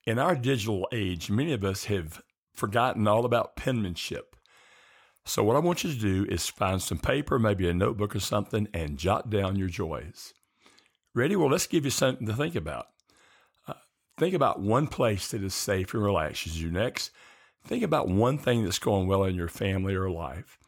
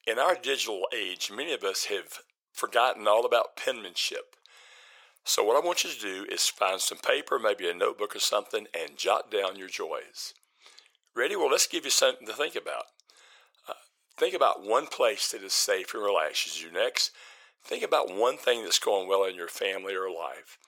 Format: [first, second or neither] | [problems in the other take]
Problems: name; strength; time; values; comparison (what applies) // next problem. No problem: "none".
first | thin; very; fading below 450 Hz